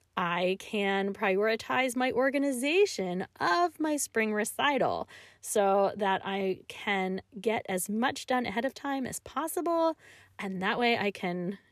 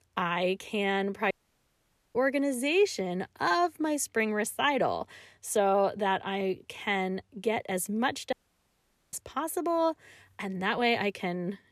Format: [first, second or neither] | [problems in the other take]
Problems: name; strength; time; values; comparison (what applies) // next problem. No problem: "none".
first | audio cutting out; at 1.5 s for 1 s and at 8.5 s for 1 s